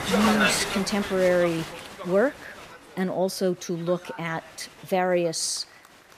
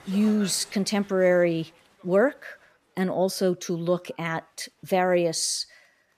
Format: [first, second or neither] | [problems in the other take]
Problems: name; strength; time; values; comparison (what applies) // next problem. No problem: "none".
second | crowd noise; loud; throughout; 2 dB below the speech; faint in the second